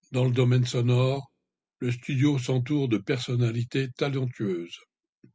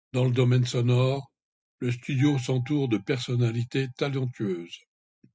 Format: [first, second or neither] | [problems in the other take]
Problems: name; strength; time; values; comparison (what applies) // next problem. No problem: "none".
first | noise reduction (neural mask model DeepFilterNet 3)